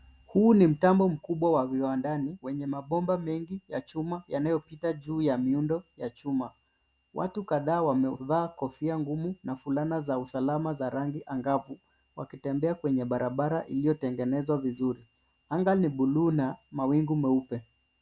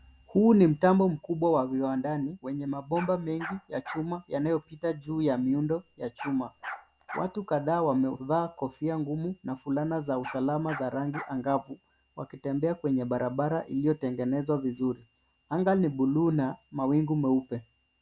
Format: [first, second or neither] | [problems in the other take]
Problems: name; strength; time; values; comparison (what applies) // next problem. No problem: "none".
first | background sound (Bark); 14 dB below the speech